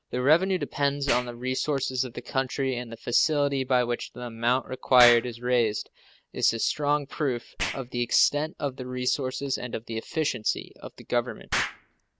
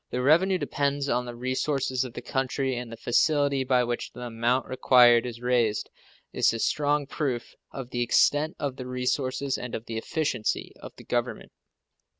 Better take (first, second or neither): second